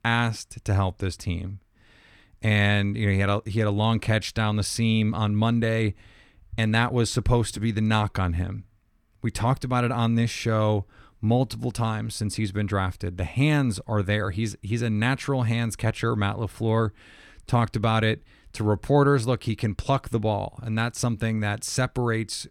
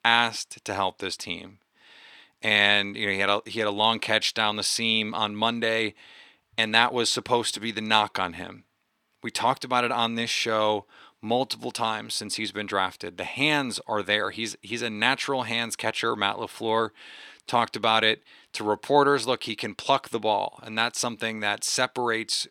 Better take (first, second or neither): first